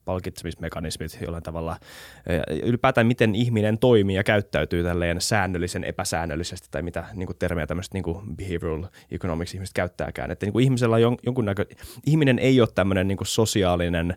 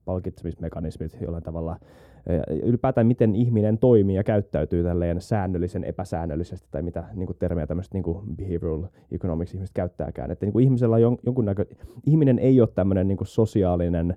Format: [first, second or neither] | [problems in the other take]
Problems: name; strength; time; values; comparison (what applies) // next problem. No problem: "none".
first | muffled; very; fading above 1 kHz